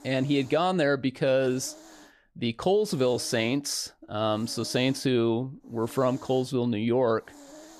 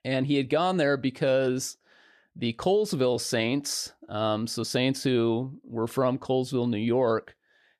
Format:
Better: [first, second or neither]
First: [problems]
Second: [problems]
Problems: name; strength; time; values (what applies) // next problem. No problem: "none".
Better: second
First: hiss; faint; throughout; 25 dB below the speech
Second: none